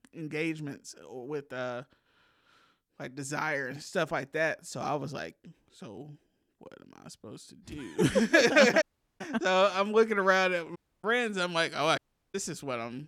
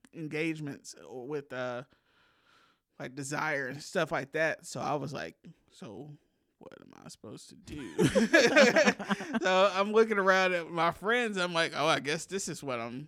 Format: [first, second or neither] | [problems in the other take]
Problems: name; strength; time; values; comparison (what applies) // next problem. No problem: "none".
second | audio cutting out; at 9 s, at 11 s and at 12 s